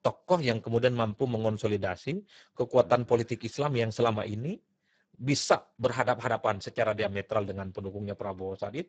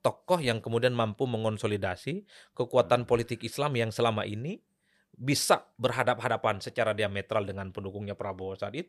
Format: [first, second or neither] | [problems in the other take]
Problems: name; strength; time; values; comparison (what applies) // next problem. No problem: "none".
second | garbled, watery; badly; nothing above 7.5 kHz